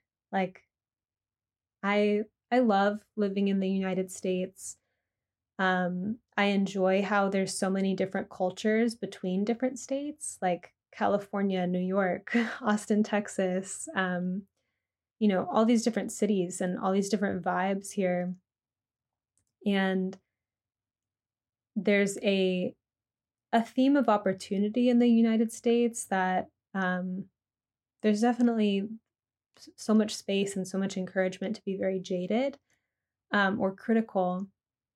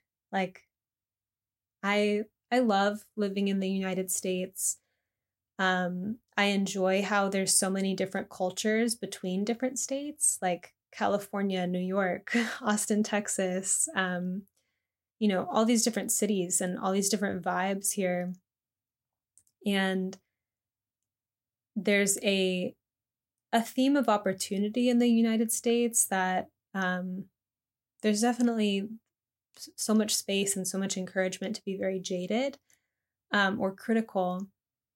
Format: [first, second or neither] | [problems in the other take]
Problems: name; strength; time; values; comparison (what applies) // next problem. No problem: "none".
second | muffled; slightly; fading above 2 kHz